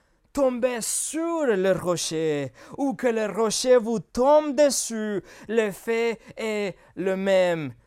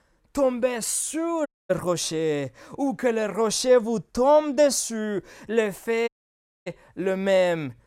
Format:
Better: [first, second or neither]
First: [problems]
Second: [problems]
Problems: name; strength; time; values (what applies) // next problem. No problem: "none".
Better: first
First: none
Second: audio cutting out; at 1.5 s and at 6 s for 0.5 s